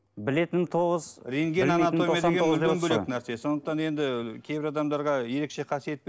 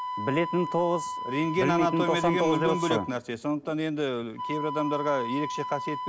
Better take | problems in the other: first | background sound (Wind instrument, woodwind instrument); 7 dB below the speech

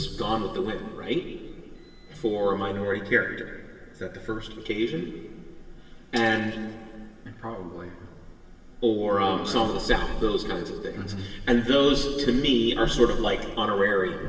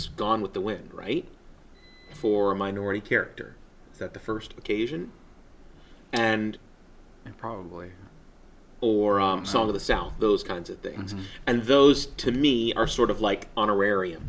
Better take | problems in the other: second | room echo; dies away in 1.9 s

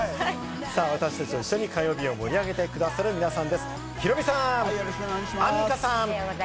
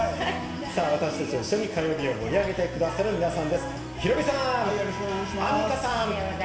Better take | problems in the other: first | room echo; dies away in 1.2 s

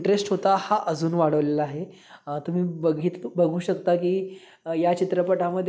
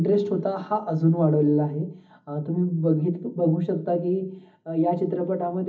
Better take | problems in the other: first | room echo; dies away in 0.4 s

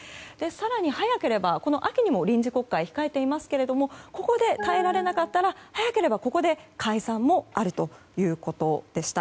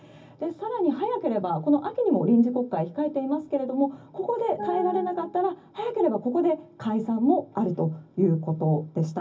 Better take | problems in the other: first | room echo; dies away in 0.4 s

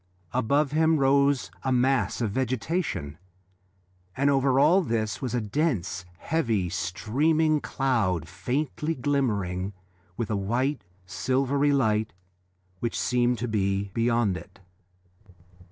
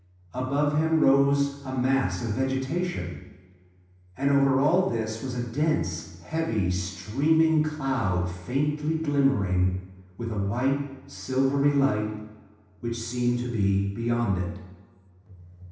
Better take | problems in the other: first | room echo; dies away in 0.9 s

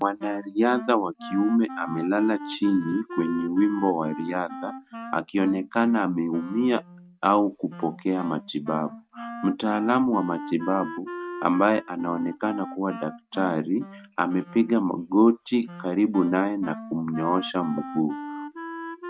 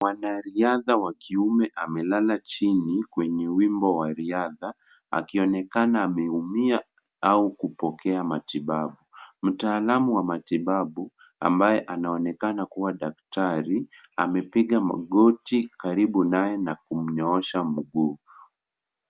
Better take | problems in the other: second | noise reduction (neural mask model RNNoise)

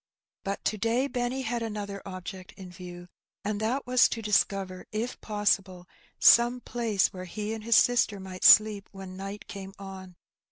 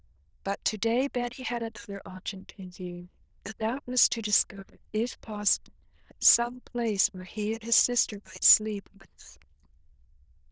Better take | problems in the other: first | noise reduction (neural diffusion model UNIVERSE++)

